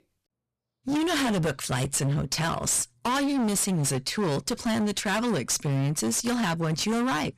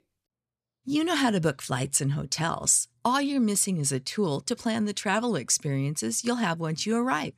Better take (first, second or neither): second